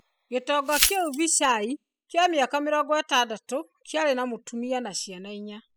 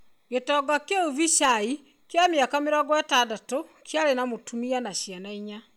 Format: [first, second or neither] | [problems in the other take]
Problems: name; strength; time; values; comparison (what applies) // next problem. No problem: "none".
second | noise reduction (classical method spectral subtraction)